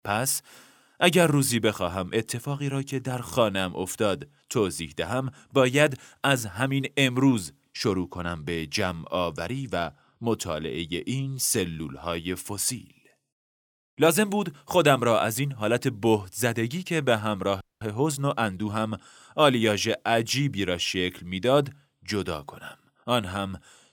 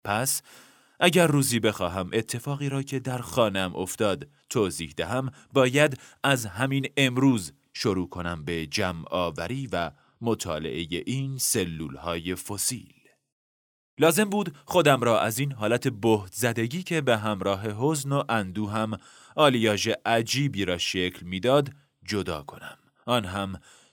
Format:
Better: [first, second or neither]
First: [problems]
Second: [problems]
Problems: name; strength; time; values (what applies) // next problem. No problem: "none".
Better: second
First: audio freezing; at 18 s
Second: none